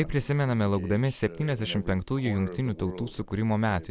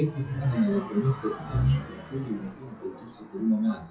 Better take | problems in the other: first | noise reduction (classical method WPE with log-MMSE)

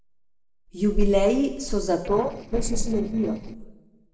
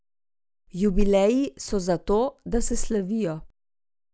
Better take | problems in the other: second | noise reduction (neural separator model SepFormer DNS4)

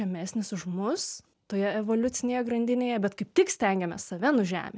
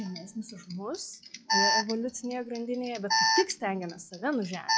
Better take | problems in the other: first | noise reduction (classical method log-MMSE)

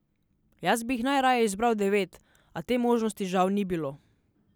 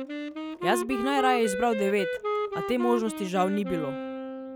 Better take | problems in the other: first | background sound (Wind instrument, woodwind instrument); 4 dB below the speech

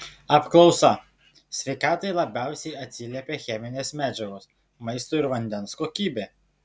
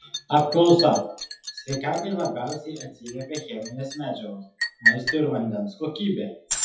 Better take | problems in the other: first | noise reduction (classical method WPE with log-MMSE)

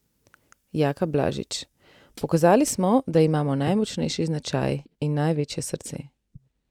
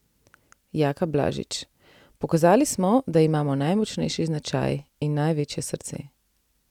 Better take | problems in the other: second | noise reduction (neural mask model DeepFilterNet 3)

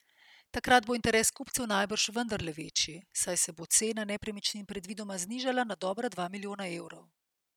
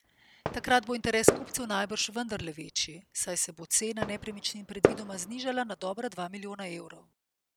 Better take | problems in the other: first | background sound (Fireworks); 2 dB below the speech

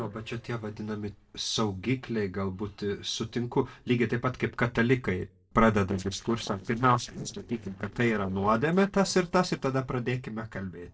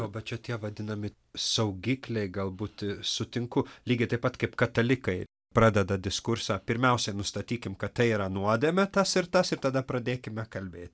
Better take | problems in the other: second | noise reduction (neural separator model SepFormer DNS4)

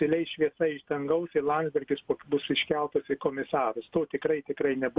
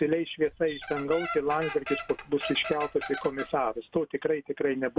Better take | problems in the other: first | background sound (Squeak); 10 dB below the speech

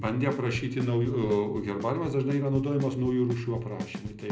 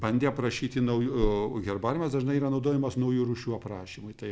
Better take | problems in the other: second | background sound (Bass drum / Snare drum / Drum kit); 13 dB below the speech // room echo; dies away in 0.5 s

